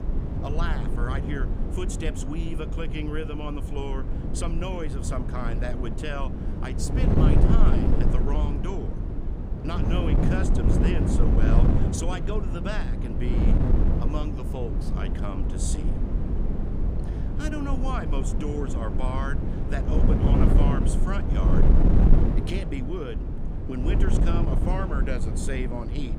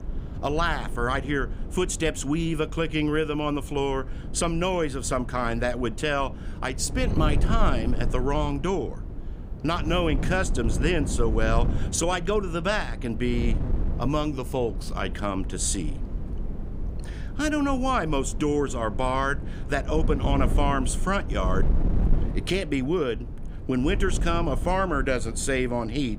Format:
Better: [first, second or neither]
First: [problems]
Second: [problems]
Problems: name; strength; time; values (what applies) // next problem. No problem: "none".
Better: second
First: wind noise on the microphone; heavy; as loud as the speech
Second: wind noise on the microphone; occasional gusts; 15 dB below the speech